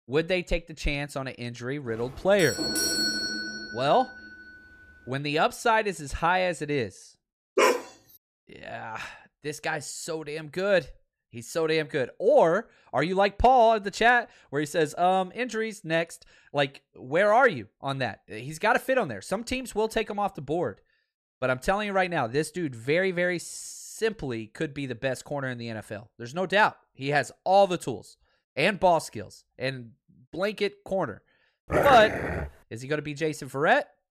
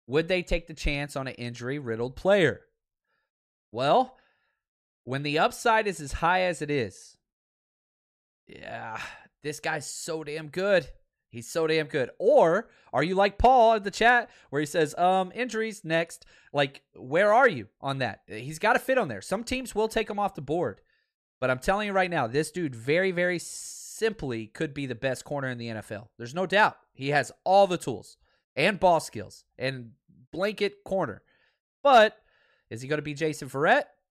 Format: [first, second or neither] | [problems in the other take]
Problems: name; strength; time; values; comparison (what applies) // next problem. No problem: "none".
second | doorbell; loud; from 2 to 4.5 s; peak 3 dB above the speech // dog barking; loud; at 7.5 s and at 32 s; peak 3 dB above the speech